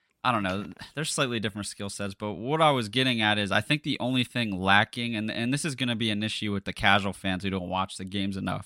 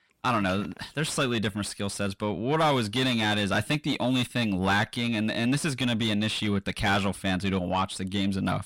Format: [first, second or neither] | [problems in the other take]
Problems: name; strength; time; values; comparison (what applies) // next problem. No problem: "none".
first | distortion; heavy; 7 dB below the speech